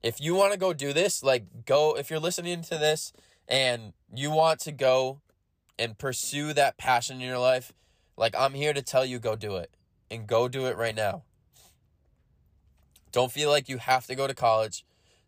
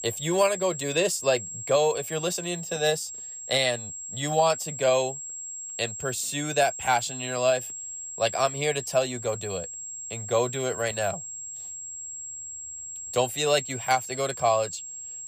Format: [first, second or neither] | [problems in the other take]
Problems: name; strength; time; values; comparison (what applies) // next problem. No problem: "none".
first | high-pitched whine; loud; throughout; 7.5 kHz, 8 dB below the speech